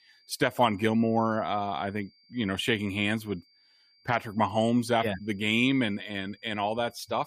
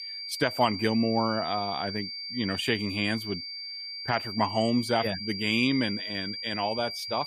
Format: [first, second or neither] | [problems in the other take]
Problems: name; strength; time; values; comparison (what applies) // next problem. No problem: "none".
first | high-pitched whine; loud; throughout; 4.5 kHz, 6 dB below the speech; faint in the first